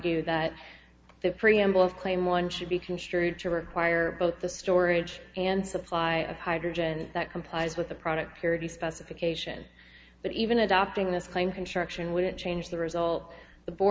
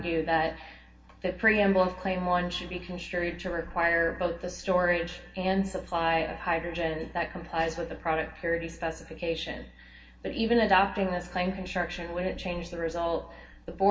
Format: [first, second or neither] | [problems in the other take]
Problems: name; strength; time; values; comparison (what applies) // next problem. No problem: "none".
first | room echo; dies away in 0.2 s